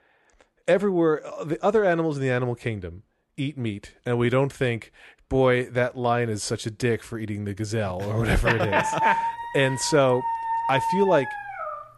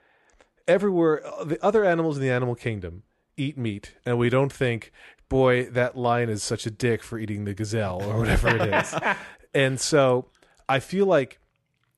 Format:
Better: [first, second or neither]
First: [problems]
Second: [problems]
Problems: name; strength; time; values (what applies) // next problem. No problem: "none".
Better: second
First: dog barking; loud; from 8.5 s on; peak level with the speech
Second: none